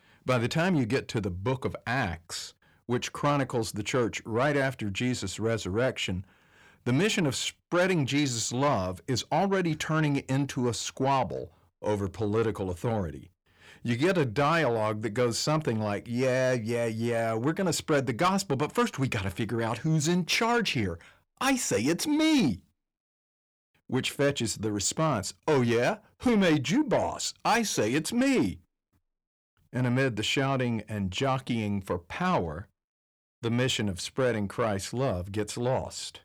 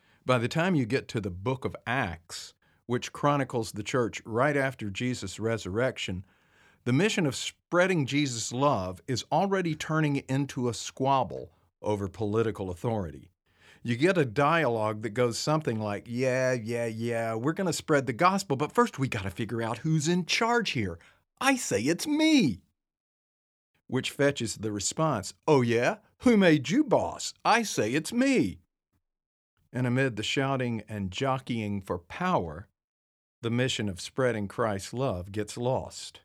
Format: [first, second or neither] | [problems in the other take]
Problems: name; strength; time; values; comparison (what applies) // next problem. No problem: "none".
second | distortion; slight; 10 dB below the speech